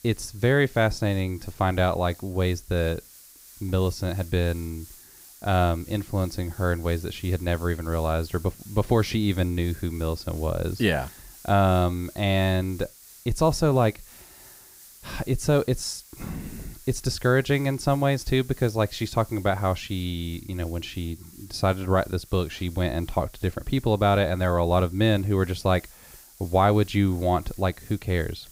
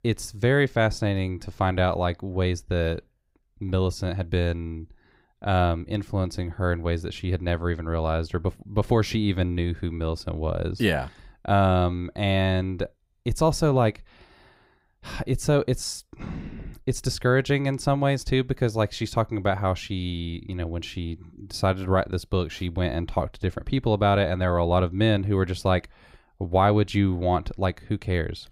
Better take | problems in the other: second | hiss; faint; throughout; 20 dB below the speech

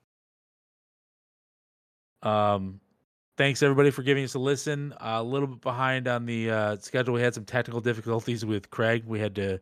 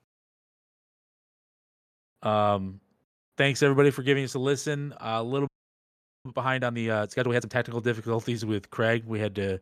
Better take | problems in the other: first | audio freezing; at 5.5 s for 1 s

